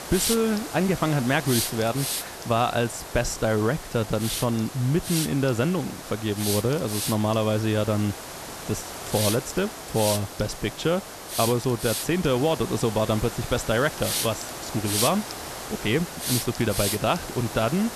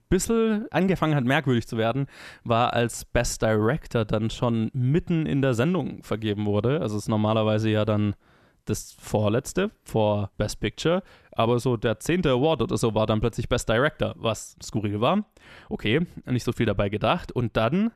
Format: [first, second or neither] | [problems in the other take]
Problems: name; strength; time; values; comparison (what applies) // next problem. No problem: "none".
second | hiss; loud; throughout; 5 dB below the speech